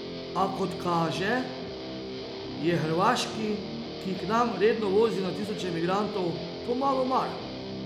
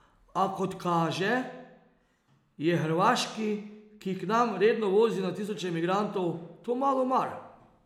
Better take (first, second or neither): second